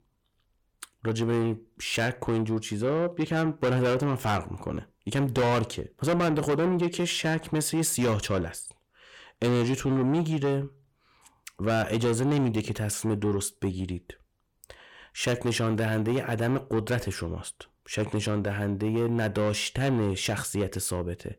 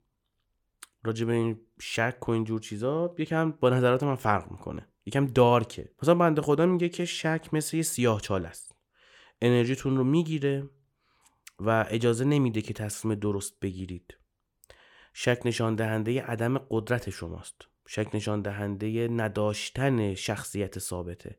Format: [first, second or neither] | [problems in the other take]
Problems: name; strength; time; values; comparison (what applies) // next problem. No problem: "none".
second | distortion; heavy; 7 dB below the speech